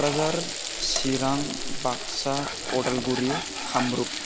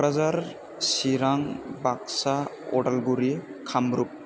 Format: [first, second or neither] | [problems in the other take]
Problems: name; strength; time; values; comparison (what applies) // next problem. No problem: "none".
second | background sound (Frying (food)); 3 dB below the speech